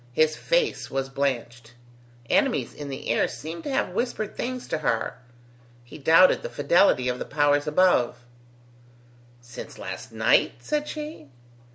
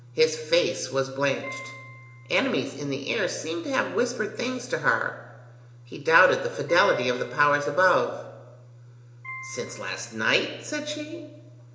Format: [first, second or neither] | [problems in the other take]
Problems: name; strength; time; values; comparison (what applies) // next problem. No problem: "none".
first | background sound (Piano); 18 dB below the speech // room echo; dies away in 0.8 s